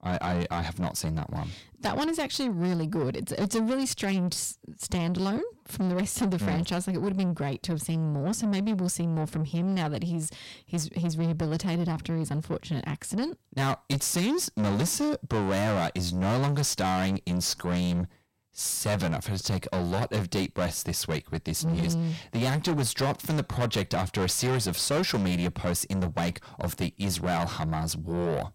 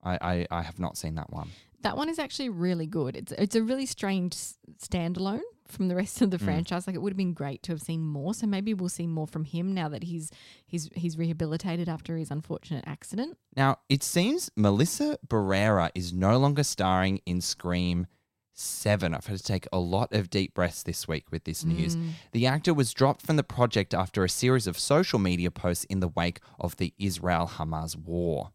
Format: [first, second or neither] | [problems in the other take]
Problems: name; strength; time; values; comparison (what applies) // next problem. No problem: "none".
second | distortion; heavy; 6 dB below the speech